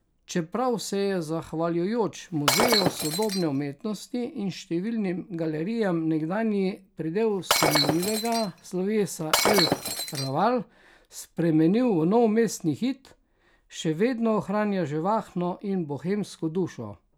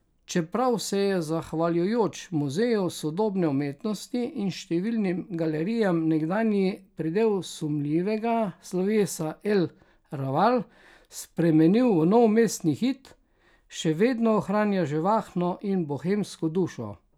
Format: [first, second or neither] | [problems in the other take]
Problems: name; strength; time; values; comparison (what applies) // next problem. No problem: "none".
second | background sound (Shatter); as loud as the speech